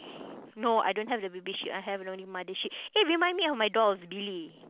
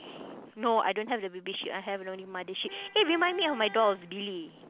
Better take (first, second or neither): first